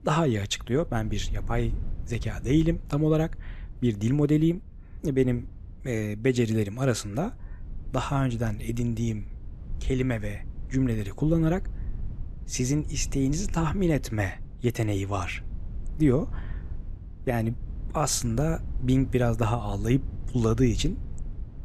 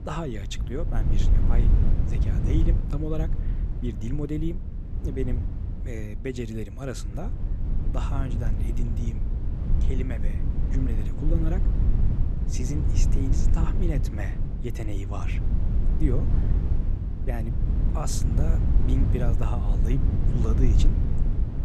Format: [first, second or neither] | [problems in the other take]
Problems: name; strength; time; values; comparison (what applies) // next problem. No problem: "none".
first | low rumble; loud; throughout; 3 dB below the speech; faint in the first